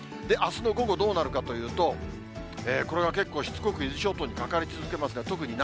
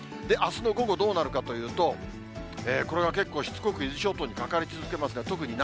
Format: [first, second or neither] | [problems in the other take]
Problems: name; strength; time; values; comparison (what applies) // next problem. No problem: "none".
second | background sound (Bowed string instrument); 13 dB below the speech